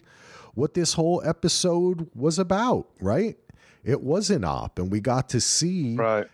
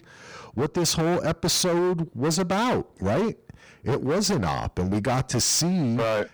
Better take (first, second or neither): first